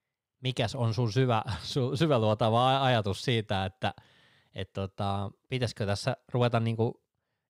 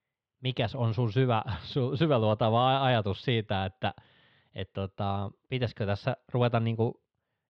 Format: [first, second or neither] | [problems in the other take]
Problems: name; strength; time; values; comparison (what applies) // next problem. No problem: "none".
first | muffled; slightly; fading above 3.5 kHz